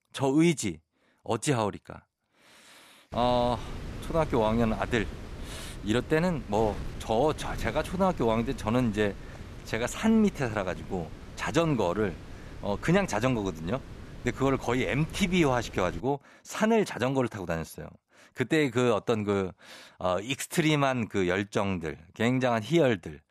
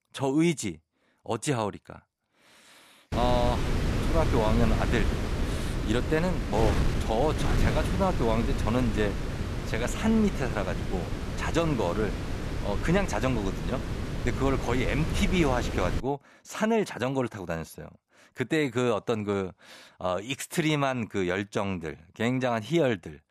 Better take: first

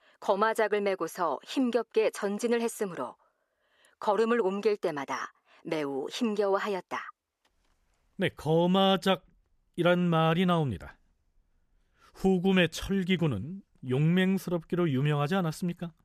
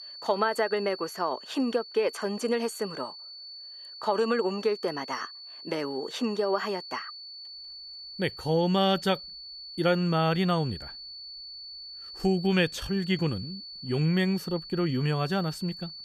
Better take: first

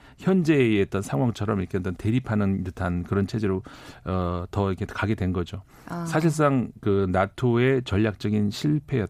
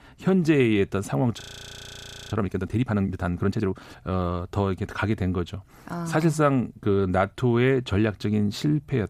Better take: first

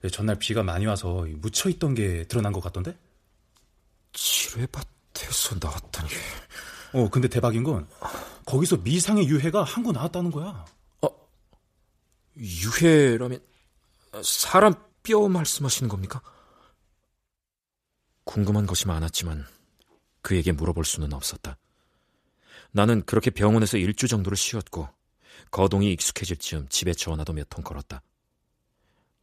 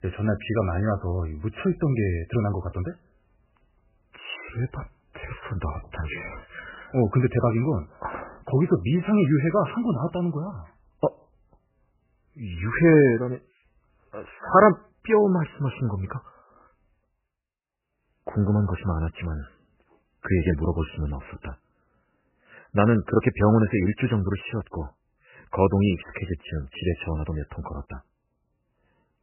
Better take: first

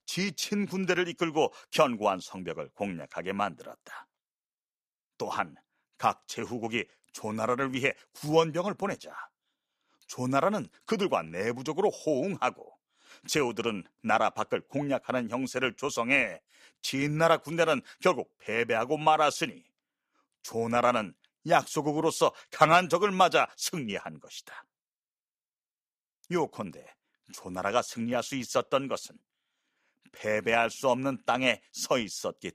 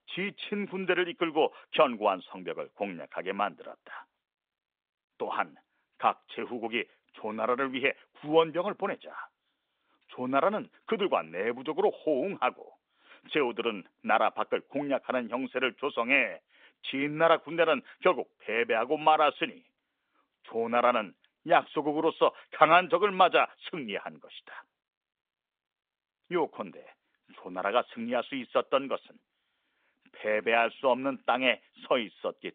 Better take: first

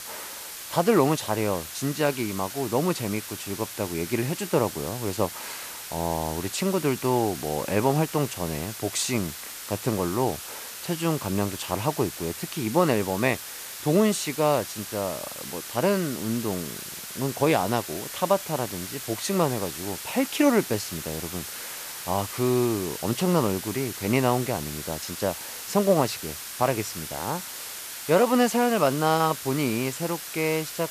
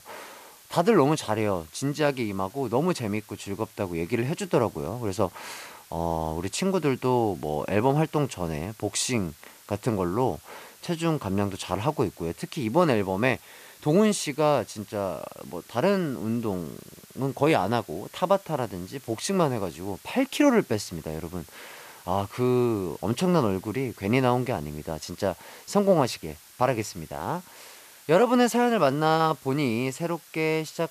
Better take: second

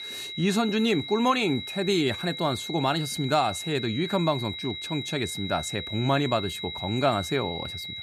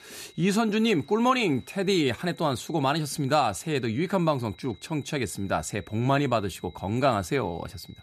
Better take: second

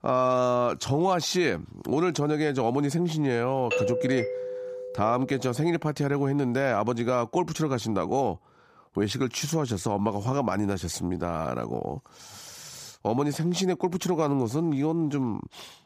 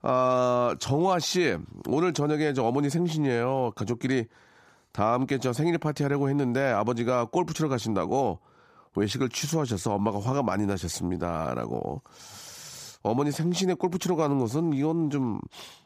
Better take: second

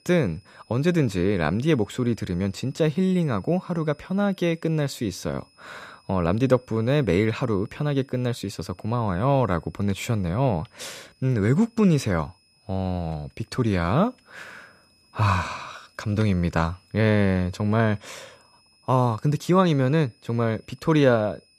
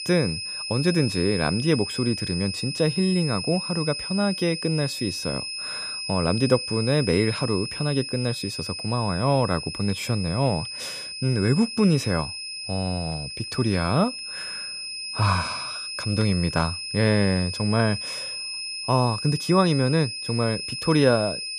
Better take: first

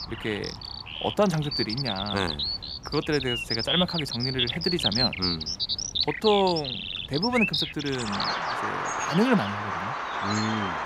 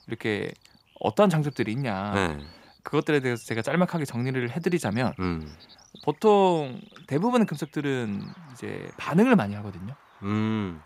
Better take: second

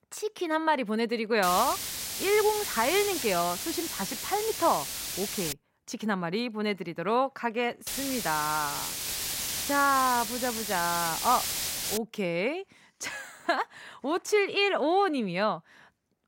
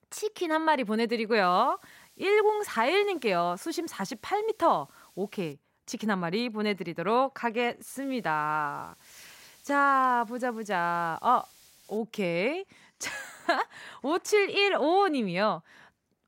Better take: second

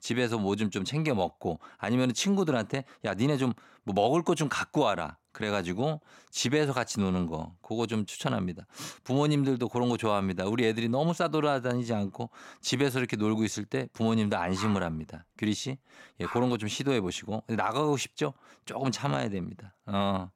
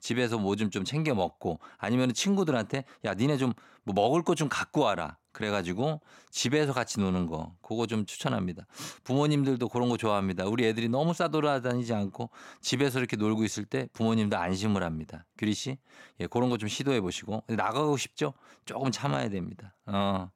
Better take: second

